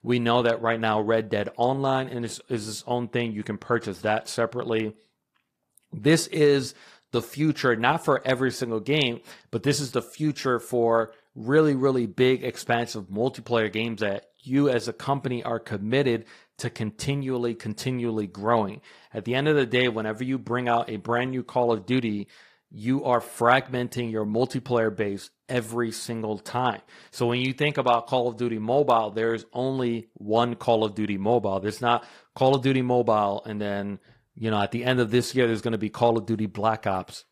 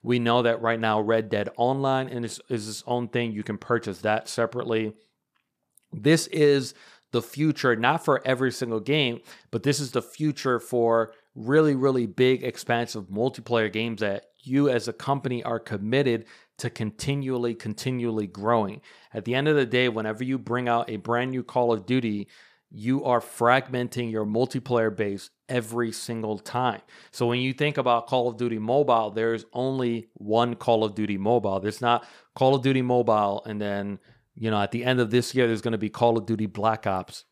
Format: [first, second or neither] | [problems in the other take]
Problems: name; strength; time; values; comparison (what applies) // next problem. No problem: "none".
second | garbled, watery; slightly; nothing above 14.5 kHz